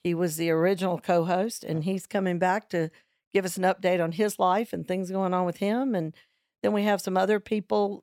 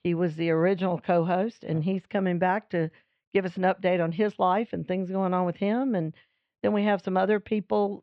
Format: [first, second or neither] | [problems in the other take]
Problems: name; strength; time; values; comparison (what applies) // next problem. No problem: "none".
first | muffled; slightly; fading above 3.5 kHz